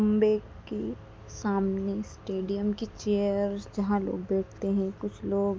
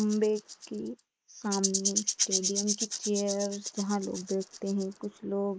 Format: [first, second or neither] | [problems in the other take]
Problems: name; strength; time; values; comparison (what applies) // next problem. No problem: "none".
first | noise reduction (neural mask model Resemble Enhance denoiser)